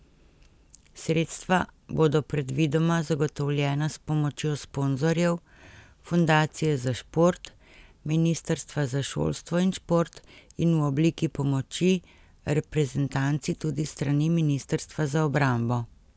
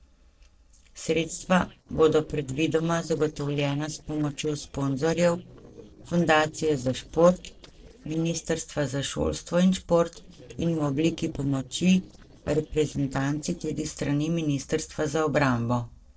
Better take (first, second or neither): first